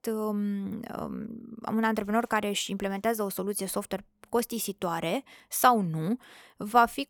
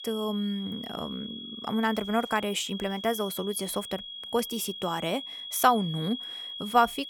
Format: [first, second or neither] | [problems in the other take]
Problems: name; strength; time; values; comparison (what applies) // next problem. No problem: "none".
first | high-pitched whine; loud; throughout; 3.5 kHz, 9 dB below the speech